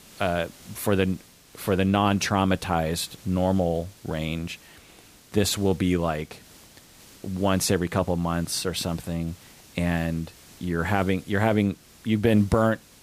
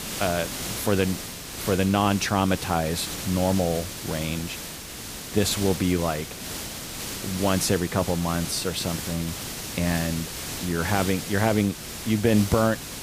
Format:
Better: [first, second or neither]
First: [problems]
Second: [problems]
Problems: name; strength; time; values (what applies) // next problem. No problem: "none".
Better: first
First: hiss; faint; throughout; 25 dB below the speech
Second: hiss; loud; throughout; 7 dB below the speech